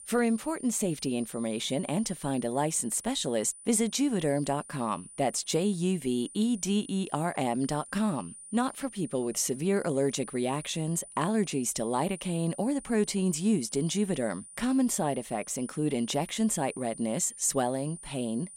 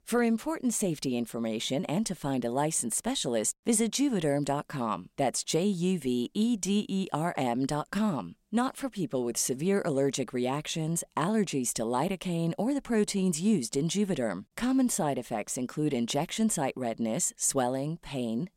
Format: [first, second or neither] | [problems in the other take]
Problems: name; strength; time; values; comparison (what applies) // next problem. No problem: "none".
second | high-pitched whine; noticeable; throughout; 9.5 kHz, 15 dB below the speech